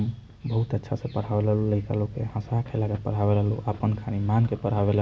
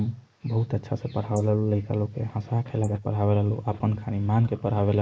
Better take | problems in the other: first | noise reduction (neural mask model Resemble Enhance denoiser)

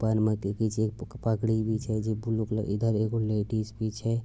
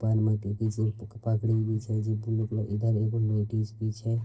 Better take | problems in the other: first | noise reduction (neural separator model SepFormer DNS4)

